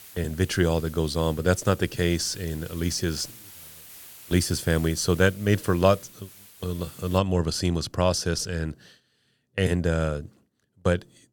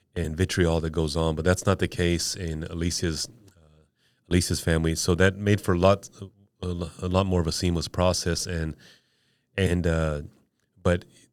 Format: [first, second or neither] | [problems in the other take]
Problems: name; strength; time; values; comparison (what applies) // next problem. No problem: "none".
second | hiss; noticeable; until 7 s; 20 dB below the speech